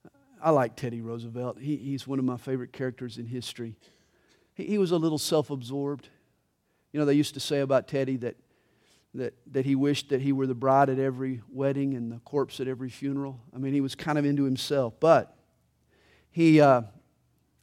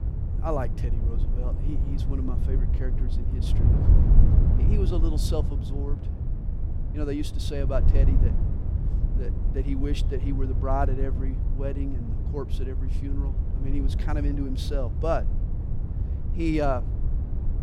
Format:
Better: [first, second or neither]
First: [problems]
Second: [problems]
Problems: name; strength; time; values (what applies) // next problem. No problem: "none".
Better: first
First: none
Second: wind noise on the microphone; heavy; 8 dB below the speech